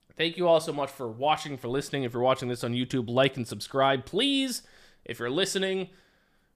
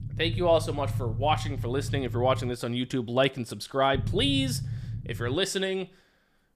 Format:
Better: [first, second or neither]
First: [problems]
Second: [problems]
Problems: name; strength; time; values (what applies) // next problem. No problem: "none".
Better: first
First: none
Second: low rumble; noticeable; until 2.5 s and from 4 to 5.5 s; 20 dB below the speech